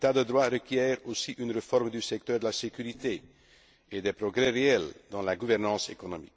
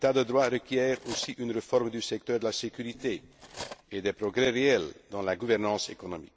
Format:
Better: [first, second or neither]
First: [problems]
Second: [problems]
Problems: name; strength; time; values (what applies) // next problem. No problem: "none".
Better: first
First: none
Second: background sound (Cutlery, silverware); 18 dB below the speech